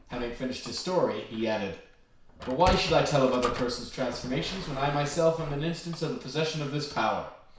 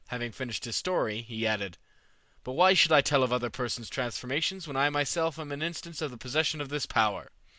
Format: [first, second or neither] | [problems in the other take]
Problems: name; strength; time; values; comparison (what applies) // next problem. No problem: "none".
second | background sound (Sliding door); 12 dB below the speech // room echo; dies away in 0.6 s